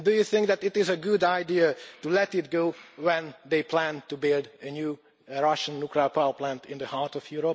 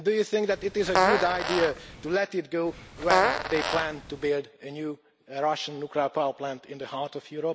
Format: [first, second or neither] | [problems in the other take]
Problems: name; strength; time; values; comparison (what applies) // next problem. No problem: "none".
first | background sound (Fart); 1 dB above the speech